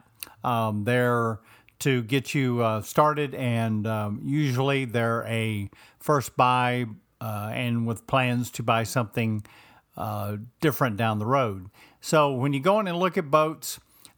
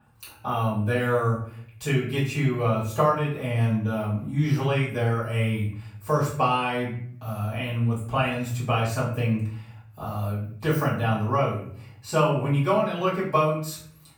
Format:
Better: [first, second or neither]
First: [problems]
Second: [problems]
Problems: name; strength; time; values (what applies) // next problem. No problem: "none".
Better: first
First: none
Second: off-mic speech; far // room echo; noticeable; dies away in 0.6 s